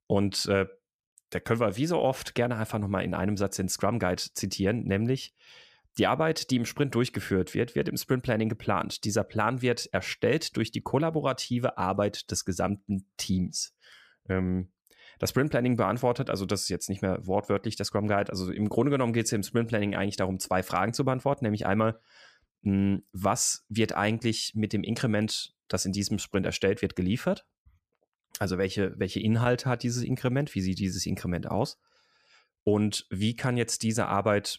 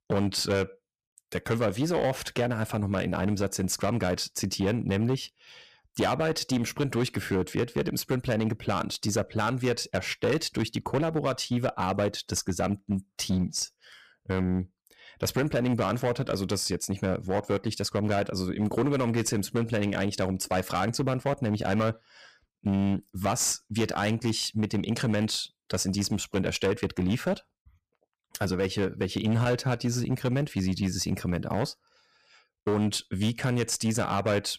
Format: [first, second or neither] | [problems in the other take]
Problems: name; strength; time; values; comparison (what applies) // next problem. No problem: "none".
first | distortion; slight; 9% of the sound clipped